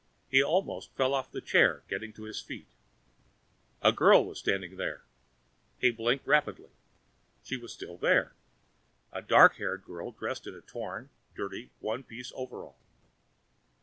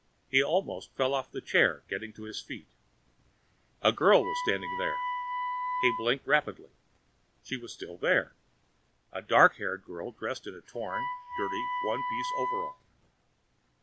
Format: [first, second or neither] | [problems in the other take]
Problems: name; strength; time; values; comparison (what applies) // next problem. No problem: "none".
first | background sound (Wind instrument, woodwind instrument); 4 dB below the speech